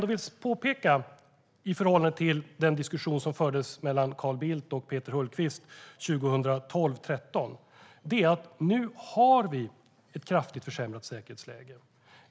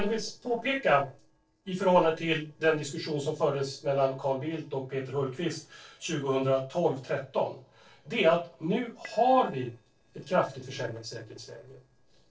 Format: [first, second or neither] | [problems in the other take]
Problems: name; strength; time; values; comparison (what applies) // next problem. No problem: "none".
first | noise reduction (neural separator model SepFormer DNS4)